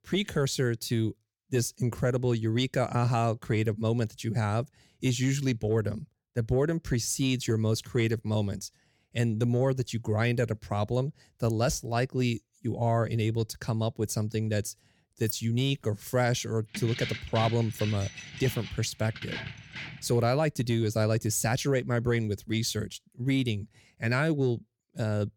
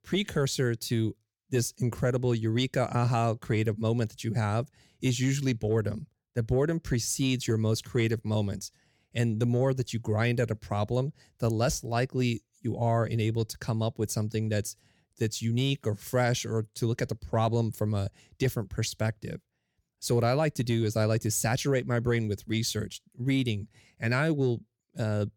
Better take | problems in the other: second | jangling keys; noticeable; at 15 s and from 17 to 20 s; peak 7 dB below the speech

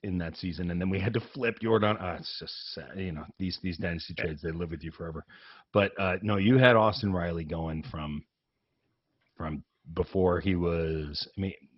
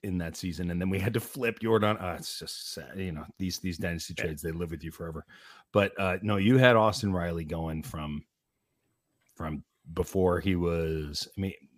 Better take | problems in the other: second | garbled, watery; badly; nothing above 5.5 kHz

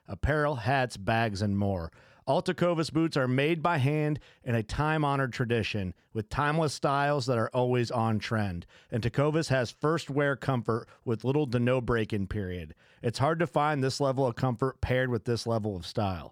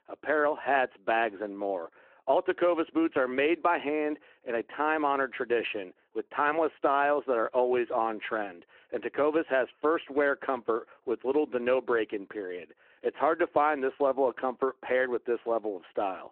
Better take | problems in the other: first | phone-call audio

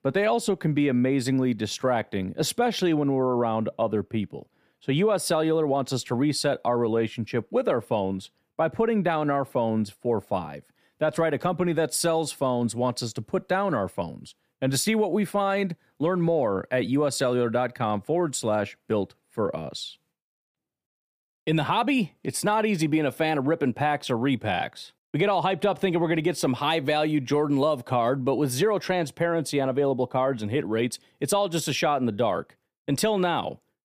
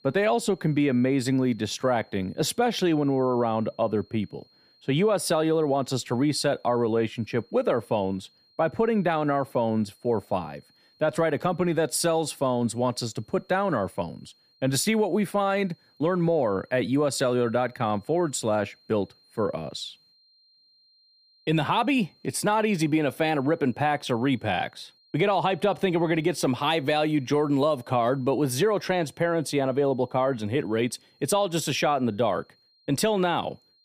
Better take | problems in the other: first | high-pitched whine; faint; throughout; 4 kHz, 35 dB below the speech

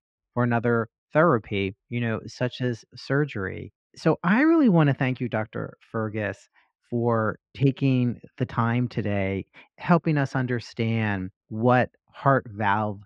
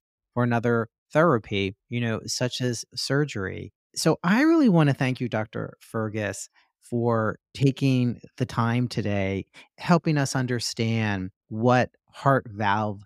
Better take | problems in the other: second | muffled; slightly; fading above 2.5 kHz

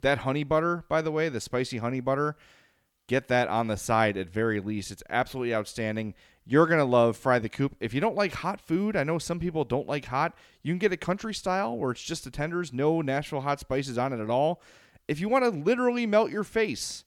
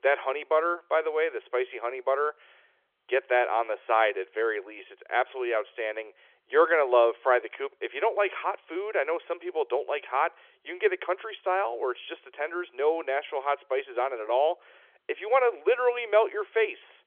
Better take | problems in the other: first | phone-call audio; nothing above 3.5 kHz

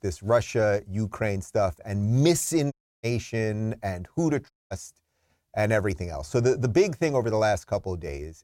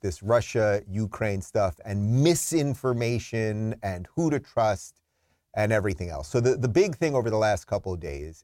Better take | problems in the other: second | audio cutting out; at 2.5 s and at 4.5 s

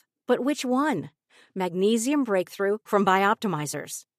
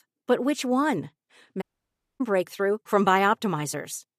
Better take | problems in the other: first | audio cutting out; at 1.5 s for 0.5 s

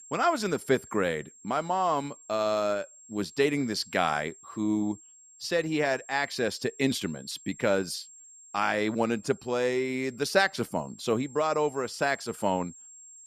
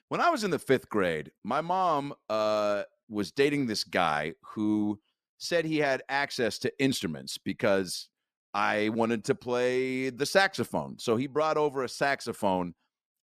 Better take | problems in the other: second | high-pitched whine; faint; throughout; 7.5 kHz, 20 dB below the speech

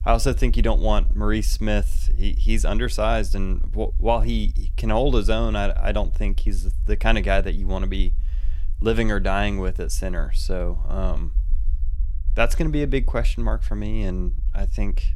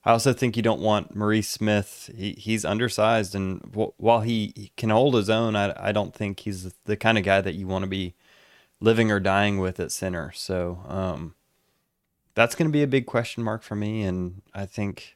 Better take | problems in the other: second | low rumble; faint; throughout; 25 dB below the speech

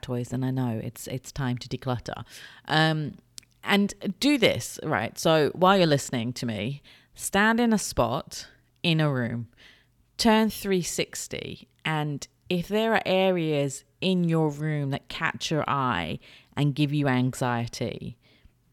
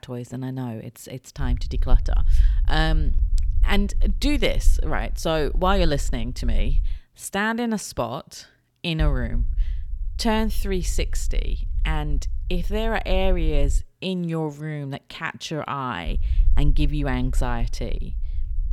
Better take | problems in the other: first | low rumble; faint; from 1.5 to 7 s, from 9 to 14 s and from 16 s on; 25 dB below the speech

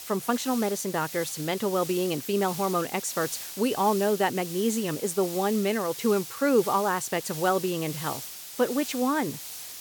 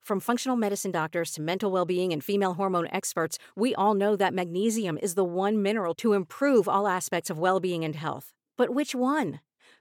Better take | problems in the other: second | hiss; loud; throughout; 9 dB below the speech

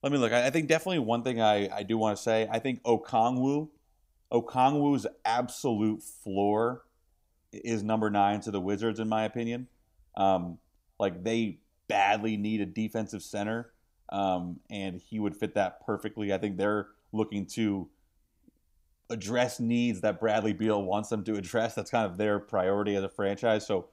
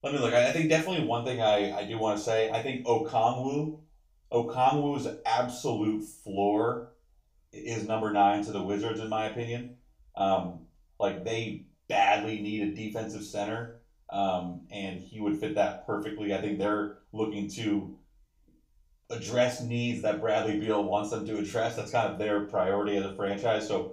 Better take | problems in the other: first | room echo; slight; dies away in 0.3 s // off-mic speech; far

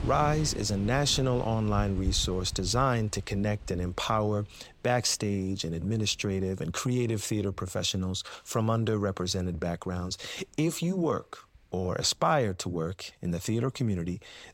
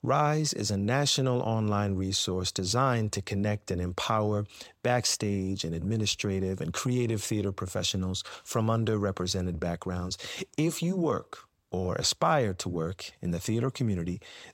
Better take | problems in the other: second | wind in the background; noticeable; throughout; 10 dB below the speech

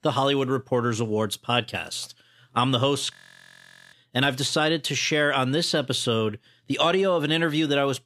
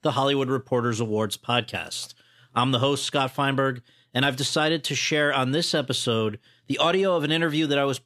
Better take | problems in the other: second | audio freezing; at 3 s for 1 s

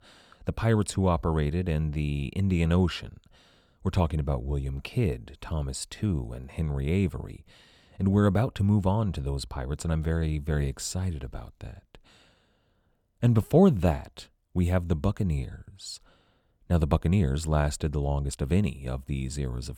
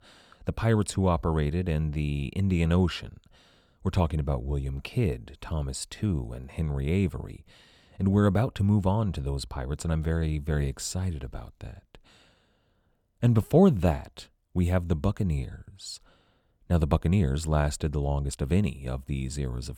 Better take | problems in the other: neither | none

